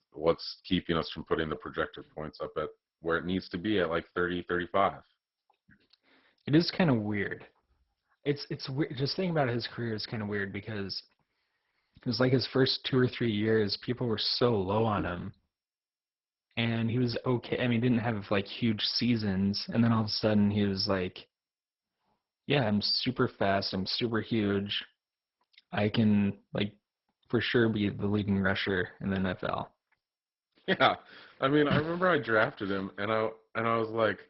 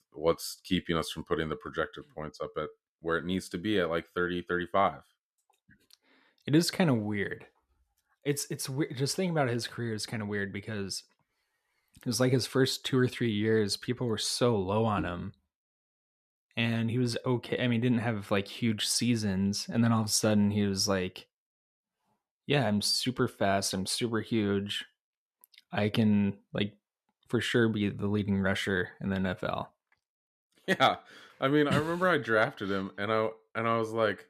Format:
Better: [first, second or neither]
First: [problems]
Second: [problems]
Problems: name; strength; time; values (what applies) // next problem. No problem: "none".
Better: second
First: garbled, watery; badly; nothing above 5.5 kHz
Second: none